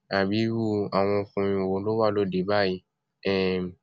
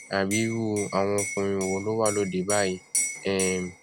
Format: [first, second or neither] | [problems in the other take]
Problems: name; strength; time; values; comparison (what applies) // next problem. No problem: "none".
first | background sound (Liquid); 7 dB below the speech